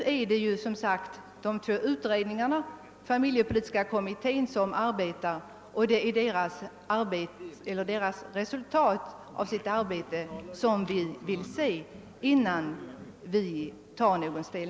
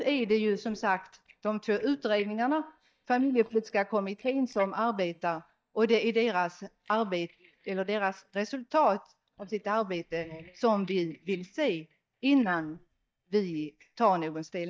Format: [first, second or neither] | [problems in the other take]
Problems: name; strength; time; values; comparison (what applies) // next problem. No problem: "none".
first | noise reduction (neural mask model DeepFilterNet 3)